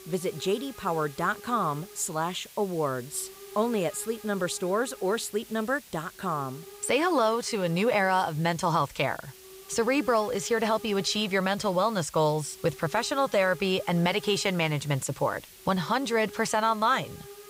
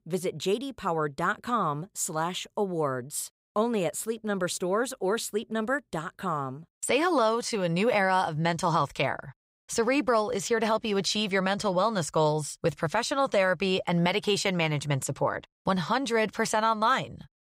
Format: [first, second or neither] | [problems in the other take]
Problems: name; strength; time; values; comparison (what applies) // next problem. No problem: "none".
second | hiss; noticeable; throughout; 20 dB below the speech